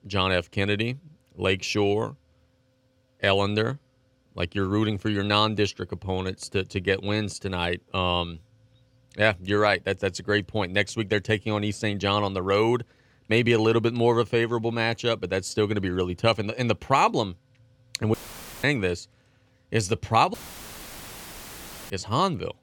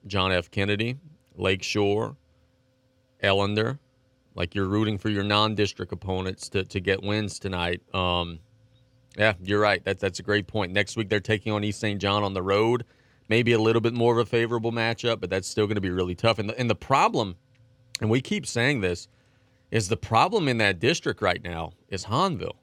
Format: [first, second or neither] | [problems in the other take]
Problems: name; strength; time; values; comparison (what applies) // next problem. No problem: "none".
second | audio cutting out; filled with static; at 18 s and at 20 s for 1.5 s